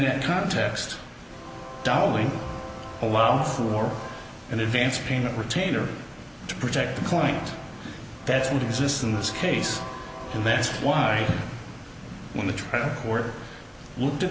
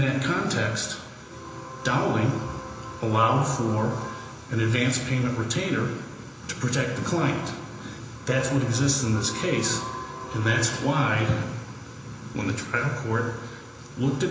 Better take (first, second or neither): first